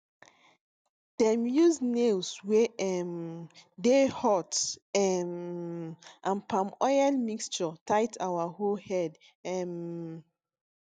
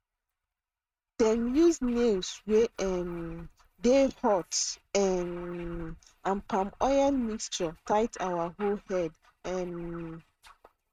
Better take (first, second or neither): first